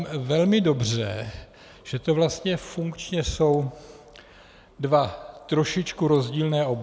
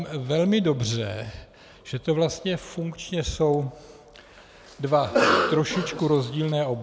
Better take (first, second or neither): first